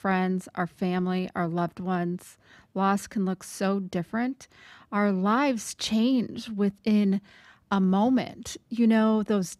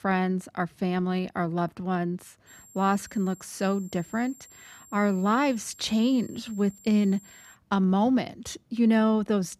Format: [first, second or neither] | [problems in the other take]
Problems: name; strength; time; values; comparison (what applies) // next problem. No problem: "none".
first | high-pitched whine; faint; from 2.5 to 7.5 s; 7.5 kHz, 25 dB below the speech